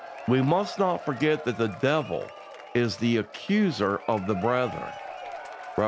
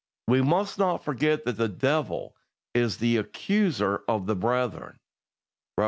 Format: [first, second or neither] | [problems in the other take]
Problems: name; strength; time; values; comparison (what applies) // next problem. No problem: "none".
second | background sound (Applause / Crowd / Cheering); 14 dB below the speech